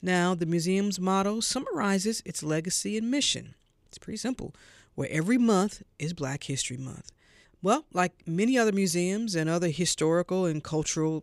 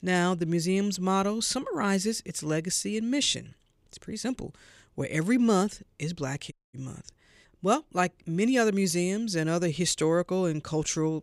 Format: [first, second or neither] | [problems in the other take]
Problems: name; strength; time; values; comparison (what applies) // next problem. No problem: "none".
first | audio cutting out; at 6.5 s